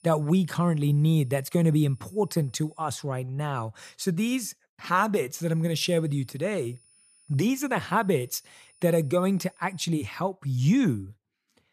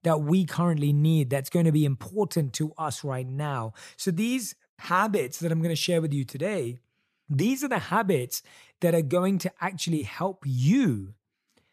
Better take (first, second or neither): second